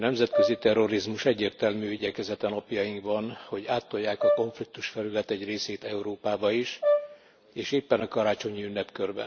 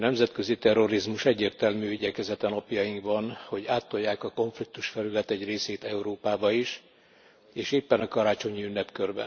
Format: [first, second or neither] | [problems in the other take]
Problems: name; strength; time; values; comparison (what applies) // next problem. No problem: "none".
second | background sound (Brass instrument); 2 dB below the speech